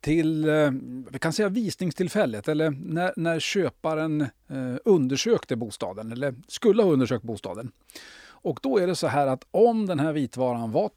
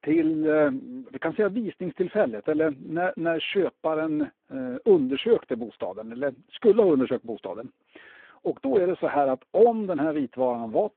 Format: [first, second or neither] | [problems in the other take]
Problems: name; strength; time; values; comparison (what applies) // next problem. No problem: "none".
first | phone-call audio; poor line